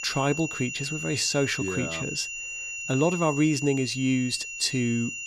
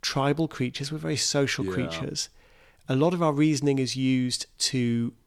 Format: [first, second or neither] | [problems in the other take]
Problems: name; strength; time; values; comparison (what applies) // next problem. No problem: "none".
second | high-pitched whine; loud; throughout; 2.5 kHz, 6 dB below the speech